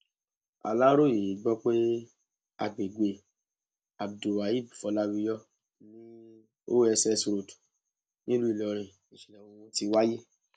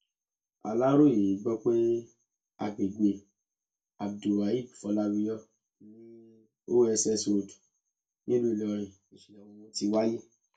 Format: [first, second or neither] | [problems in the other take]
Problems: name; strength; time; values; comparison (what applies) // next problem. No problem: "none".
first | room echo; dies away in 0.2 s